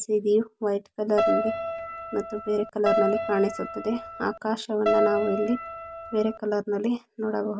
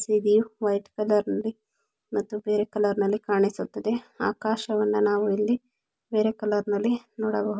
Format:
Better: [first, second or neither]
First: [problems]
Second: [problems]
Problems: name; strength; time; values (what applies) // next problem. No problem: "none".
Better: second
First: background sound (Keyboard (musical)); 2 dB below the speech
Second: none